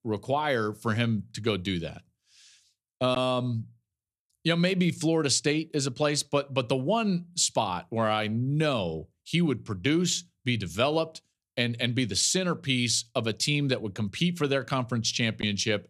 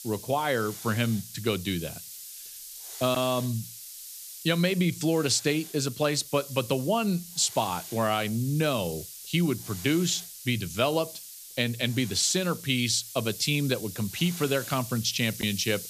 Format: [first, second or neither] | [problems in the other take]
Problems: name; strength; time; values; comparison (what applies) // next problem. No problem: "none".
first | hiss; noticeable; throughout; 10 dB below the speech